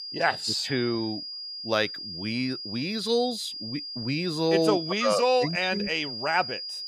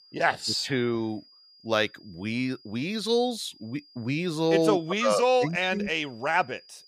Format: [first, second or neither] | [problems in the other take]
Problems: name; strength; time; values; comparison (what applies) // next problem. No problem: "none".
second | high-pitched whine; loud; throughout; 5 kHz, 7 dB below the speech; faint in the second